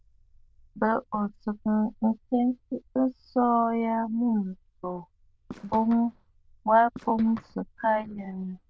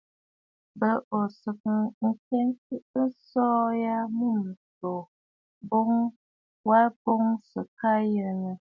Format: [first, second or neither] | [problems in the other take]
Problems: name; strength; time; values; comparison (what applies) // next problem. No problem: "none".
second | noise reduction (neural diffusion model UNIVERSE++)